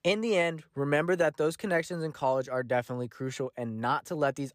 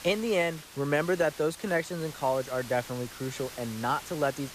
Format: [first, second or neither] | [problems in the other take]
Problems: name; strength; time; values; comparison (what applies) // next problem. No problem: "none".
first | hiss; noticeable; throughout; 15 dB below the speech